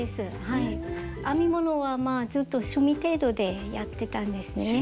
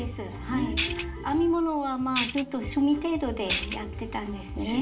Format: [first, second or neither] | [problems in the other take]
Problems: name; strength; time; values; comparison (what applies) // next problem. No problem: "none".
first | background sound (Tambourine); 7 dB below the speech // room echo; dies away in 0.5 s